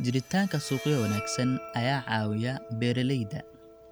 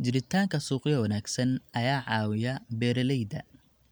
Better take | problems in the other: second | background sound (Bowed string instrument); 13 dB below the speech

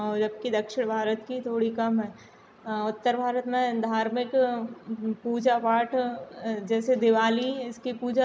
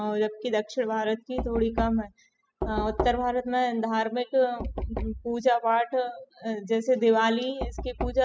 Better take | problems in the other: first | noise reduction (classical method spectral subtraction)

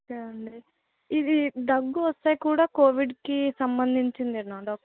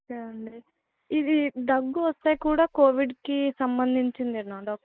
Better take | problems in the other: first | noise reduction (neural mask model Resemble Enhance denoiser)

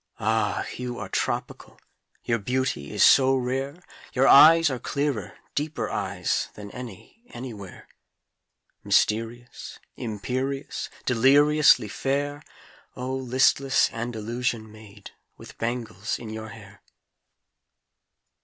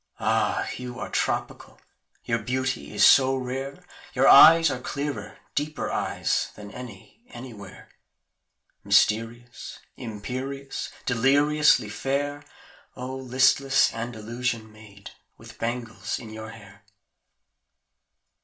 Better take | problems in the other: first | room echo; dies away in 0.3 s

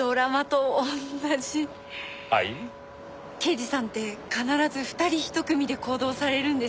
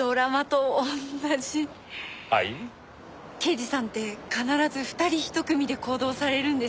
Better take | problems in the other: second | background sound (Wind instrument, woodwind instrument); 19 dB below the speech

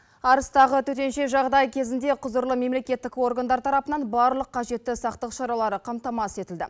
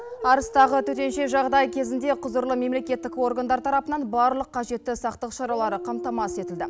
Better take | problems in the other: first | background sound (Dog); 12 dB below the speech

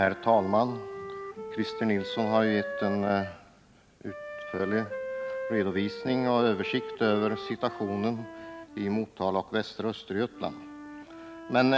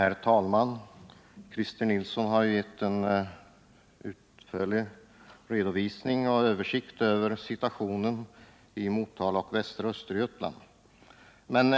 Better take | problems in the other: second | background sound (Wind instrument, woodwind instrument); 10 dB below the speech

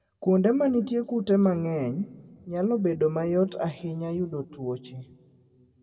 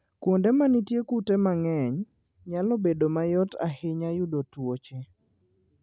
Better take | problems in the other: second | room echo; dies away in 0.8 s

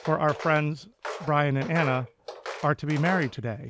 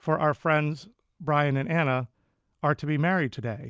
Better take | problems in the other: second | background sound (Walk, footsteps); 12 dB below the speech

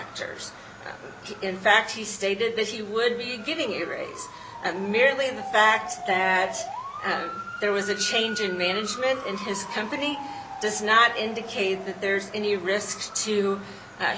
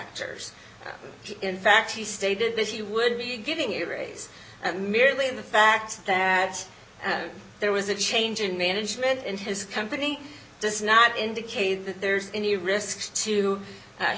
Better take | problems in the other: second | background sound (Motor vehicle (road) / Siren); 12 dB below the speech

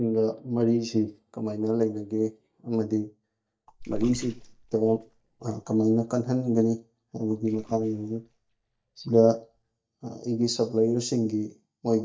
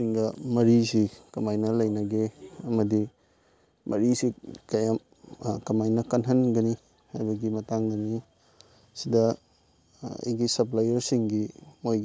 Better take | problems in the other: second | noise reduction (neural mask model DeepFilterNet 3)

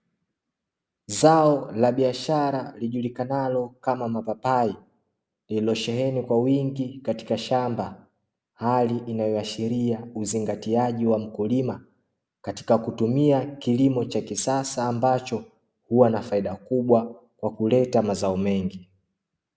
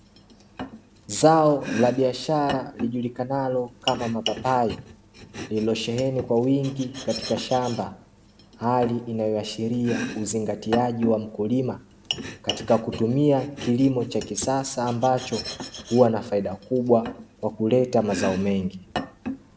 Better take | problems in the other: first | background sound (Domestic sounds, home sounds); 12 dB below the speech

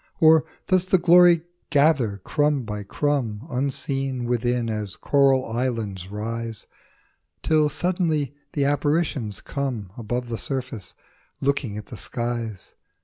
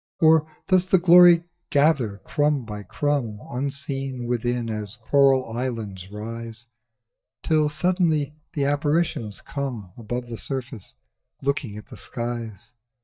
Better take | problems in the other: first | noise reduction (neural mask model DeepFilterNet 3)

